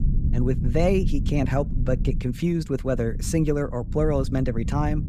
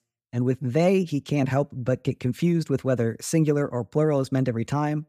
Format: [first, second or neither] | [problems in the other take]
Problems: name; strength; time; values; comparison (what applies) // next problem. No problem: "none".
second | low rumble; noticeable; throughout; 15 dB below the speech